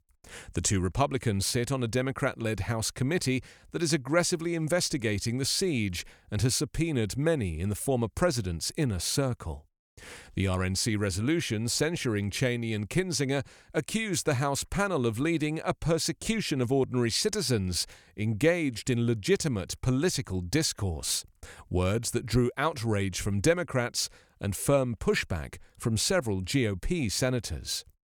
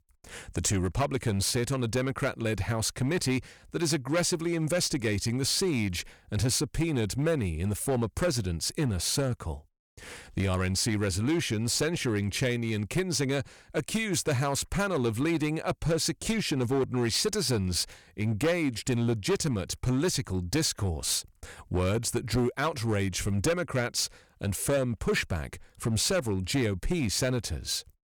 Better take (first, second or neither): first